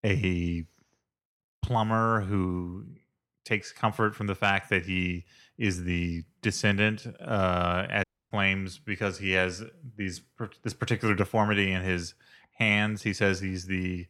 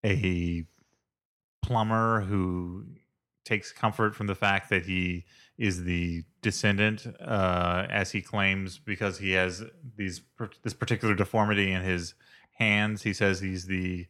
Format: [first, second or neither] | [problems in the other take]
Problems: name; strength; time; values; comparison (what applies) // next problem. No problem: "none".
second | audio cutting out; at 8 s